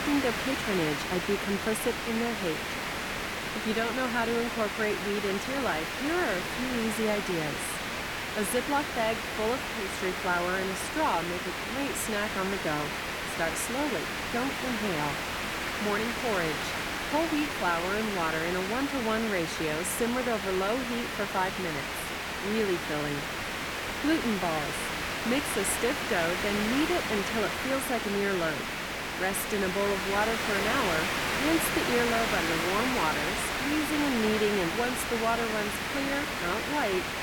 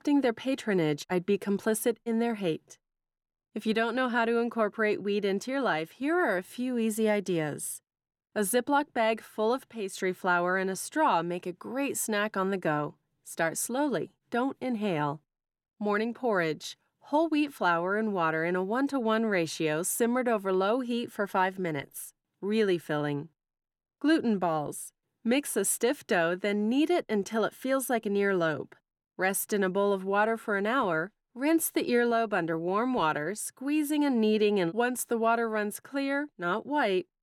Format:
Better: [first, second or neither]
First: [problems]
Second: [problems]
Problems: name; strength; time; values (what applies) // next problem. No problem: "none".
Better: second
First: hiss; loud; throughout; as loud as the speech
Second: none